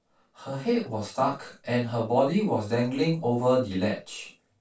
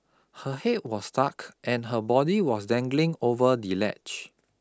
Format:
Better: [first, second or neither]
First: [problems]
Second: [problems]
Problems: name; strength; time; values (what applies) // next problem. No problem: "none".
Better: second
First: room echo; dies away in 0.2 s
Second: none